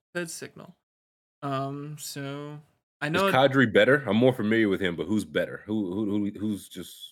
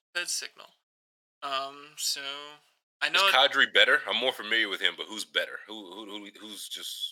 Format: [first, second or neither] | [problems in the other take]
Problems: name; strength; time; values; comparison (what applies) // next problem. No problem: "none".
first | thin; very; fading below 850 Hz